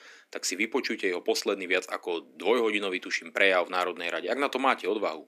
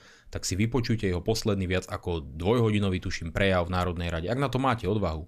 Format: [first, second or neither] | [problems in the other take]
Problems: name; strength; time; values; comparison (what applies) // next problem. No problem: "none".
second | thin; somewhat; fading below 250 Hz